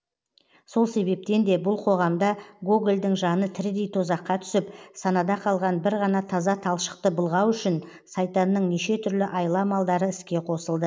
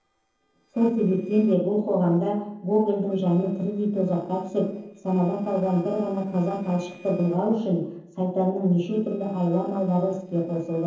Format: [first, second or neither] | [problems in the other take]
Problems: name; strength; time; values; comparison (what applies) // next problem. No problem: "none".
first | noise reduction (neural separator model SepFormer DNS4)